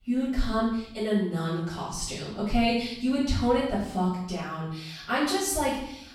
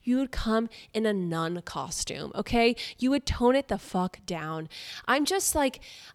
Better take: second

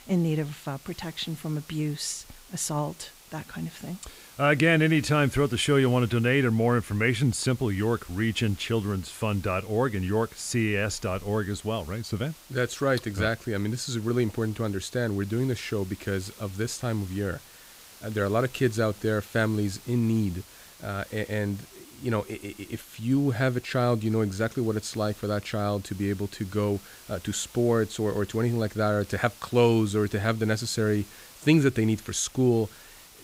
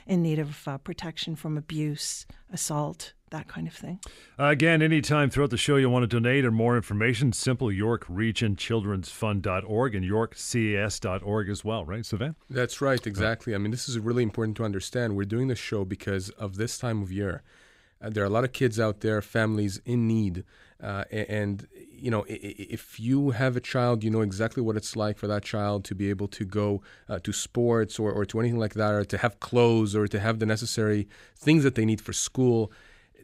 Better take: second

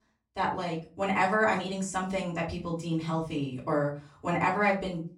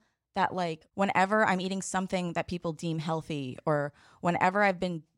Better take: second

